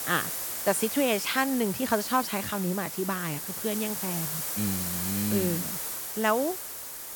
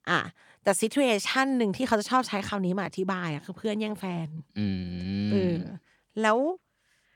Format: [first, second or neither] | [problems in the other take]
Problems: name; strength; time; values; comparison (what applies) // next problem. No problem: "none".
second | hiss; loud; throughout; 2 dB below the speech